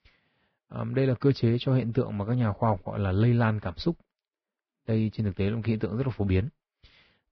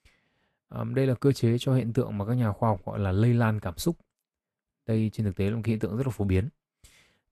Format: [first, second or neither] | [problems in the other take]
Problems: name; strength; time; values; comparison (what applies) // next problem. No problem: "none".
second | garbled, watery; badly; nothing above 5 kHz; slightly in the second